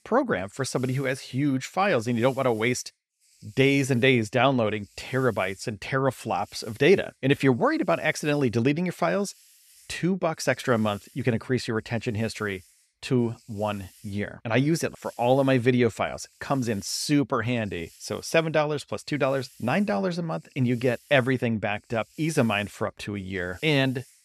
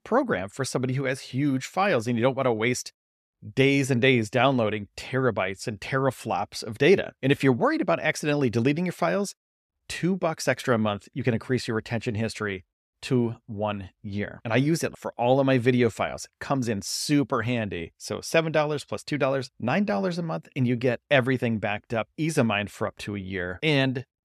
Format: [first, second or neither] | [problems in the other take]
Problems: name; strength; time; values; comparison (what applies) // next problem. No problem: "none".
second | hiss; faint; throughout; 30 dB below the speech